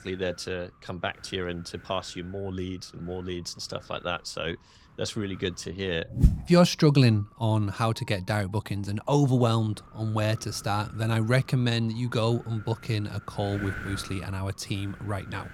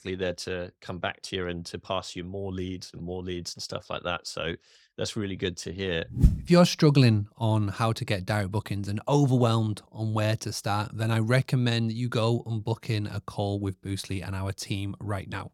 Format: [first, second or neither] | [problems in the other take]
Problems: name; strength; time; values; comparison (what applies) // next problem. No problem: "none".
second | wind noise on the microphone; occasional gusts; 15 dB below the speech